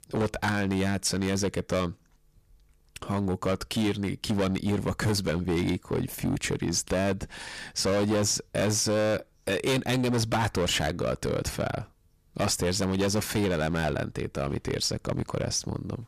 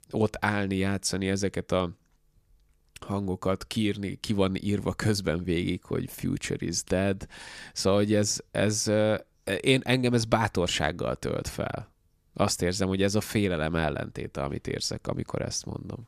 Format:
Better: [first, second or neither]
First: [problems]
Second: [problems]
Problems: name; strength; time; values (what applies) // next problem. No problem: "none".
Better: second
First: distortion; heavy; 14% of the sound clipped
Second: none